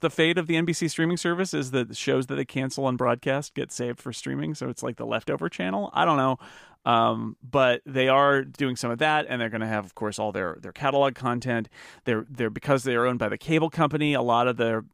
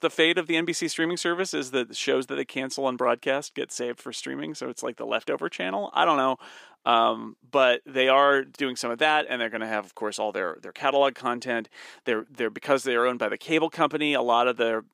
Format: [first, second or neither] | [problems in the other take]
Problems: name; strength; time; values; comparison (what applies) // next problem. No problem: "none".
first | thin; very slightly; fading below 350 Hz